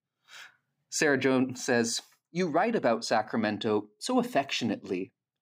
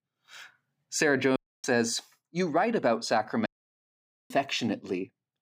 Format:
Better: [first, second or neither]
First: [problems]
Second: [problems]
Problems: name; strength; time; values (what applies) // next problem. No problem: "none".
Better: first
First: none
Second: audio cutting out; at 1.5 s and at 3.5 s for 1 s